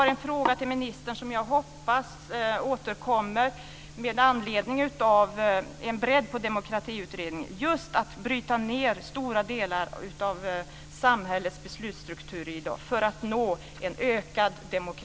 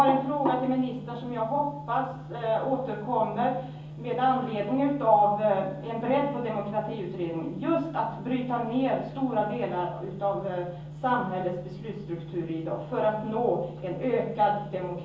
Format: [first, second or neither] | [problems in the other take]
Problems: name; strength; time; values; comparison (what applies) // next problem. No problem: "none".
first | room echo; dies away in 0.7 s